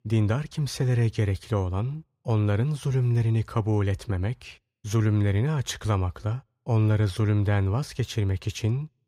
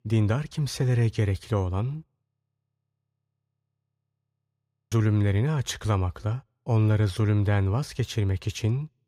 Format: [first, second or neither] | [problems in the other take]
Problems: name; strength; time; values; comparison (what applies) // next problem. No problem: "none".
first | audio freezing; at 2 s for 2.5 s